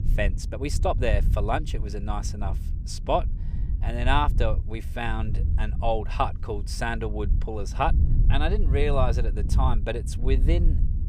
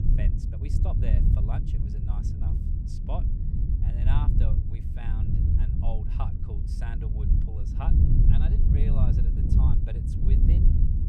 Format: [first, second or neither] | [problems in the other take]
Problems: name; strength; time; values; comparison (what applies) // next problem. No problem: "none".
first | wind noise on the microphone; heavy; 3 dB above the speech; occasional gusts in the first